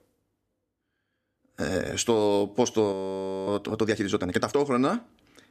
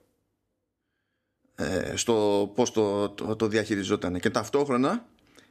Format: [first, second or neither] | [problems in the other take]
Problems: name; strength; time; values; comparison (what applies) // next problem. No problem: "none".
second | audio freezing; at 3 s for 0.5 s